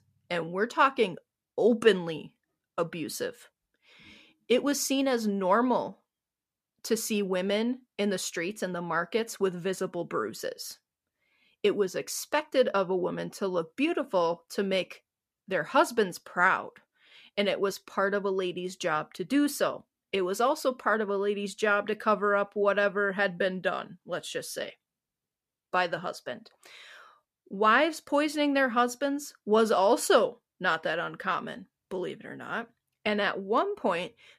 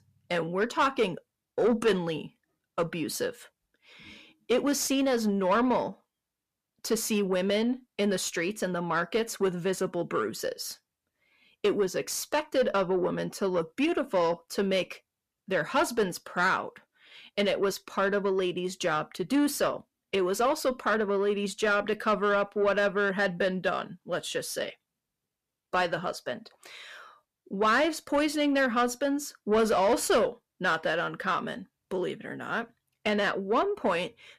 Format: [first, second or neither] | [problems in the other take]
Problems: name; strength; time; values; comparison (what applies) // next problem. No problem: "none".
first | distortion; slight; 10 dB below the speech